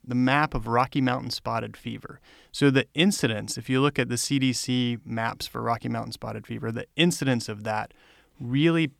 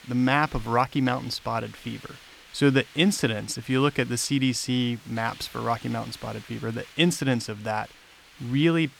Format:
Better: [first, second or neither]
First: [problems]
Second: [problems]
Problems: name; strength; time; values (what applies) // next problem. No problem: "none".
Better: first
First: none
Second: hiss; faint; throughout; 20 dB below the speech